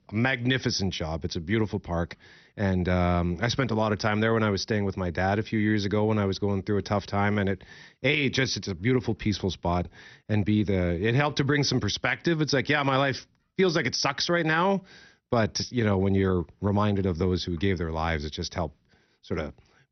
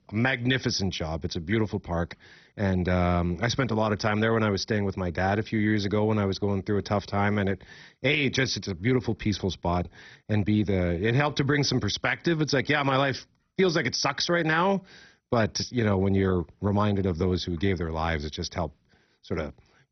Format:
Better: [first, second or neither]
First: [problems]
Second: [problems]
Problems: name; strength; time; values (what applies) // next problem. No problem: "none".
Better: first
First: garbled, watery; slightly; nothing above 6 kHz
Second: garbled, watery; badly; nothing above 6 kHz